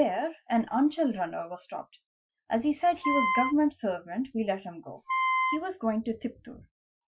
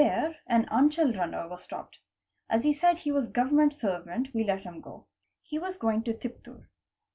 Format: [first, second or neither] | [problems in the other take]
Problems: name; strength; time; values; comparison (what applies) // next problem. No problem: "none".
second | noise reduction (classical method Wiener filter)